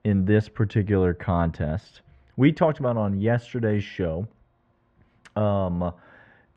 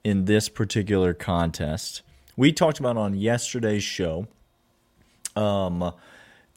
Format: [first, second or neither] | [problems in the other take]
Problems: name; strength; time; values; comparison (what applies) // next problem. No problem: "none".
second | muffled; very; fading above 1.5 kHz